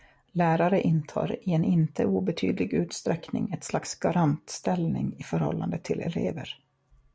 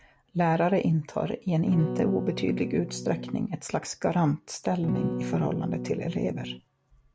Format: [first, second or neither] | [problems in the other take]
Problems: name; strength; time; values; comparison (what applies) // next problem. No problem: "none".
first | background sound (Electric guitar / Strum); 6 dB below the speech